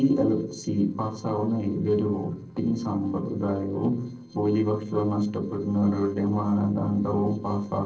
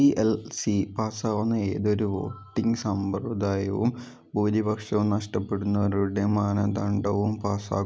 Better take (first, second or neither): second